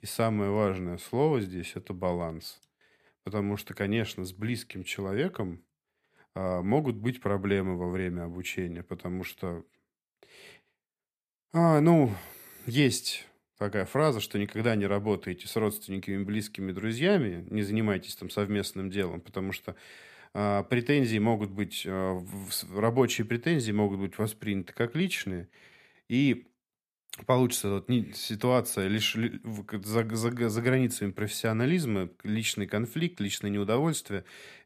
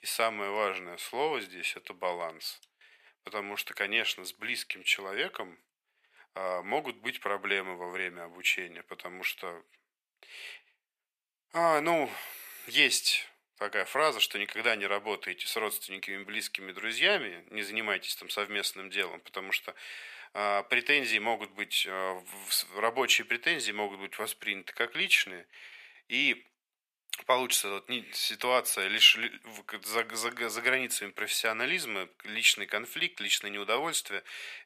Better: first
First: none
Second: thin; very; fading below 700 Hz

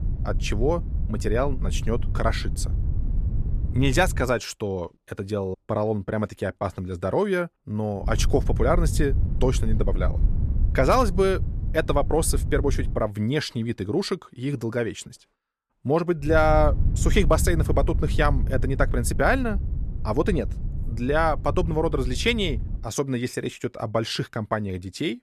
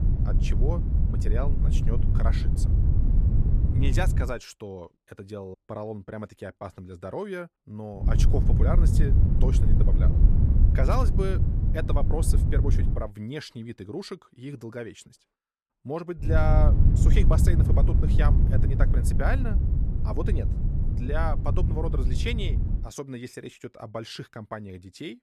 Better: first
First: wind noise on the microphone; occasional gusts; until 4.5 s, from 8 to 13 s and from 16 to 23 s; 15 dB below the speech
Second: wind noise on the microphone; heavy; until 4.5 s, from 8 to 13 s and from 16 to 23 s; 4 dB below the speech

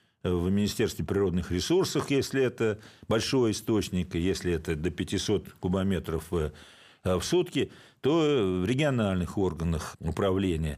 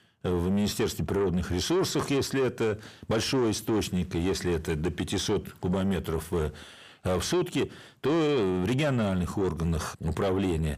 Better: first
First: none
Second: distortion; slight; 10 dB below the speech

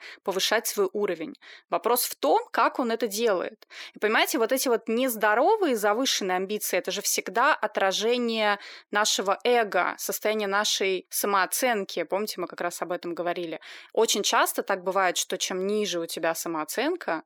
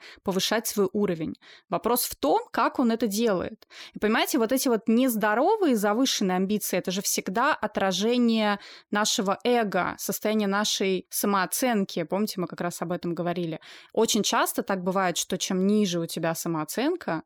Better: second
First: thin; somewhat; fading below 400 Hz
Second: none

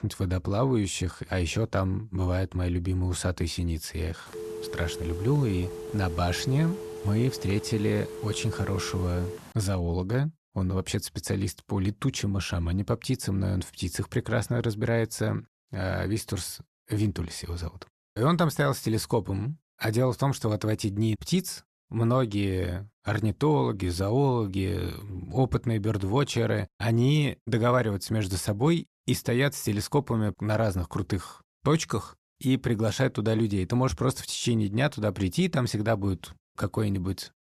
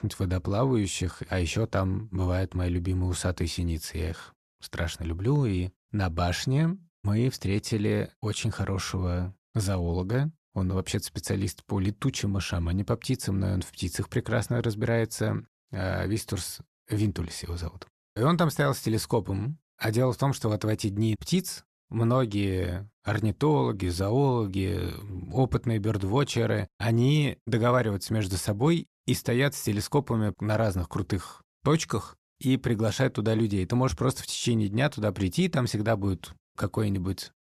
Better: second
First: phone ringing; noticeable; from 4.5 to 9.5 s; peak 8 dB below the speech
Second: none

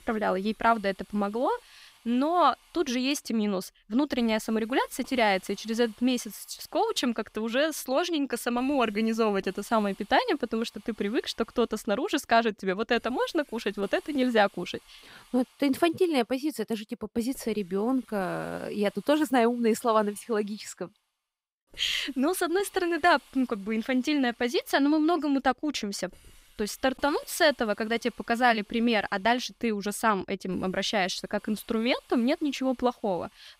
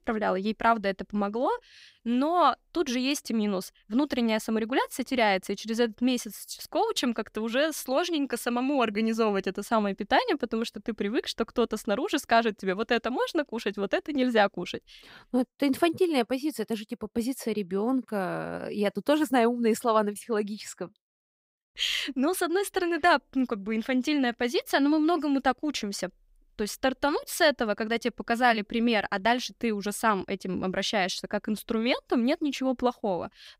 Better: second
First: hiss; faint; throughout; 30 dB below the speech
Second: none

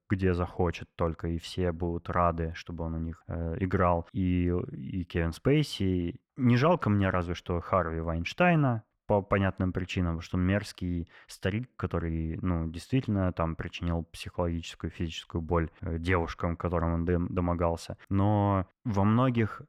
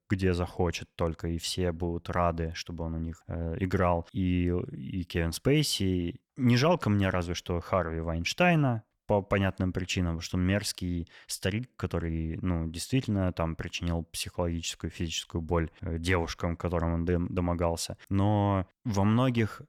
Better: second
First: muffled; slightly; fading above 3.5 kHz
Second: none

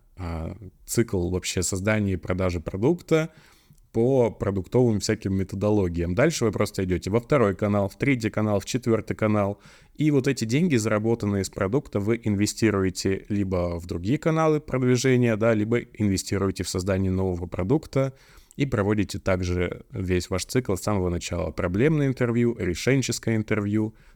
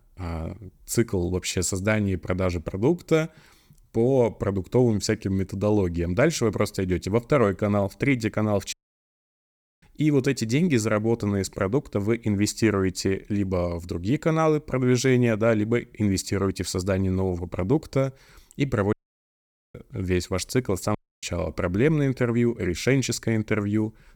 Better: first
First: none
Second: audio cutting out; at 8.5 s for 1 s, at 19 s for 1 s and at 21 s

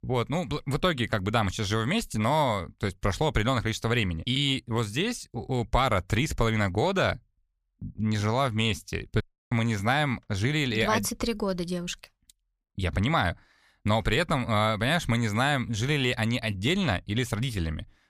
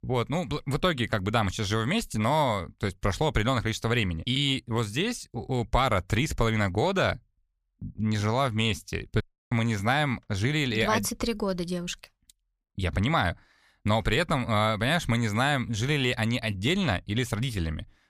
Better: neither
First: audio cutting out; at 9 s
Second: audio cutting out; at 9 s

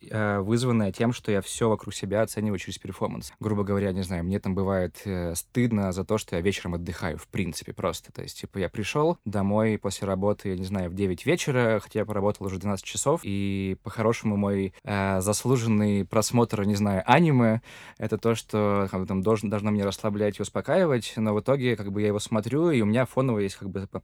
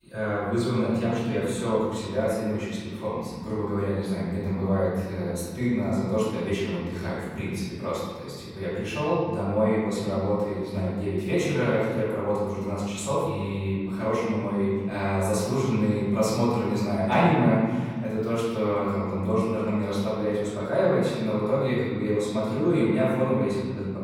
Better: first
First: none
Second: off-mic speech; far // room echo; strong; dies away in 1.6 s

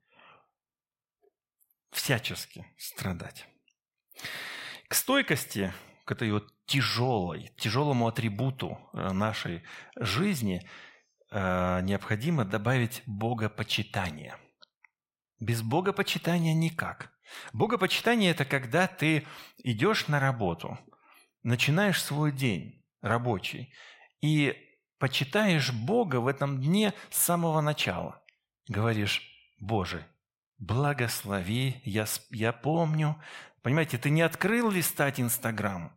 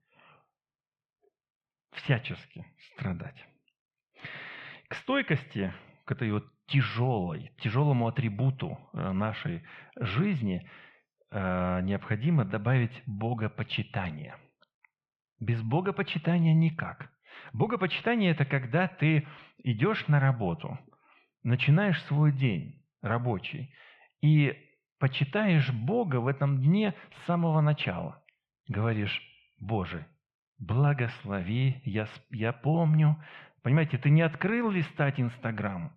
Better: first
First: none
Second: muffled; very; fading above 3 kHz

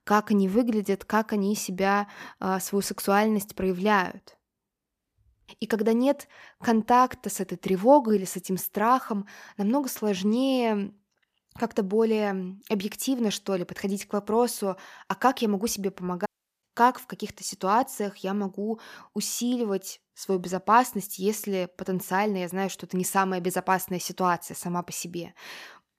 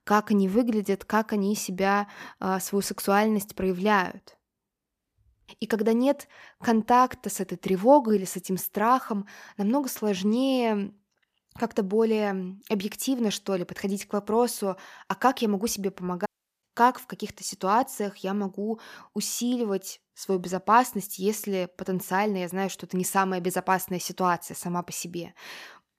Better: neither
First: audio cutting out; at 16 s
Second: audio cutting out; at 16 s

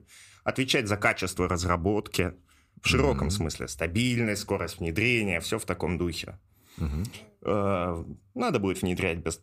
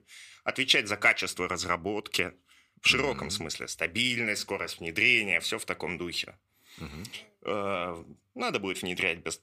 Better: first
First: none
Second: thin; very slightly; fading below 700 Hz

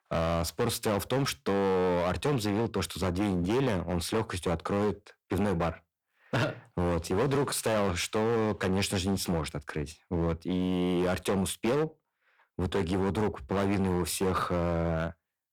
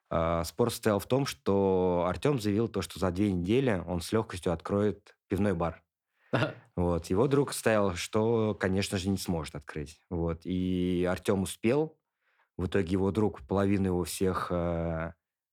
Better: second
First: distortion; heavy; 16% of the sound clipped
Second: none

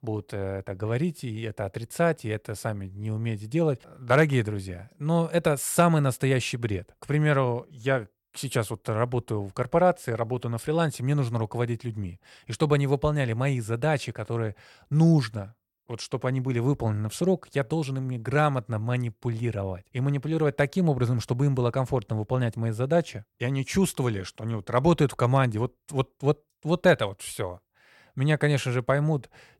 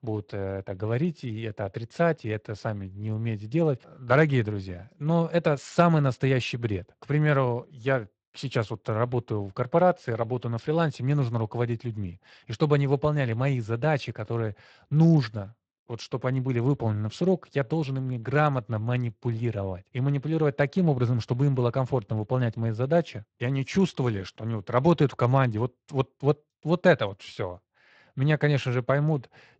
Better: first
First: none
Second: garbled, watery; slightly

